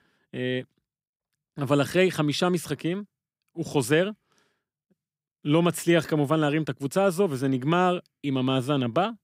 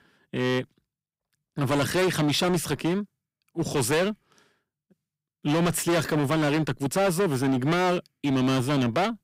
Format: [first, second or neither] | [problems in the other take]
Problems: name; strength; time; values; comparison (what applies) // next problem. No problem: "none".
first | distortion; heavy; 17% of the sound clipped